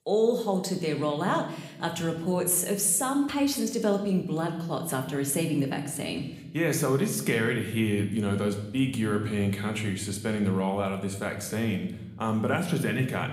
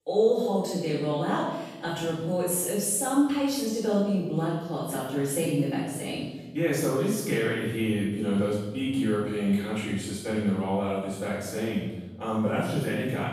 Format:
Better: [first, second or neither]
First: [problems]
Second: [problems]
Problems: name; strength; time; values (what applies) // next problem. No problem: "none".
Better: first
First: room echo; slight; dies away in 0.9 s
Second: room echo; strong; dies away in 1 s // off-mic speech; far